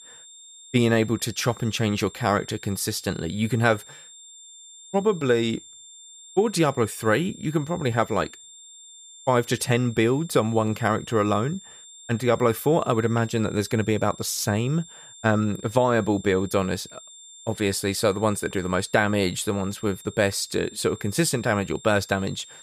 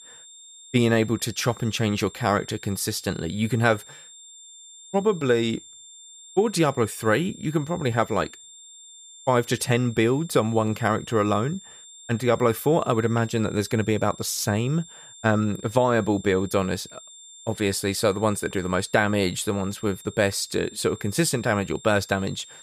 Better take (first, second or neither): neither